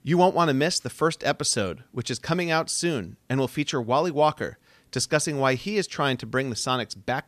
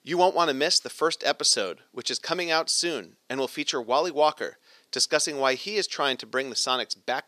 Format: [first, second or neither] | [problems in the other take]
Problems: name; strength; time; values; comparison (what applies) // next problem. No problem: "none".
first | thin; somewhat; fading below 400 Hz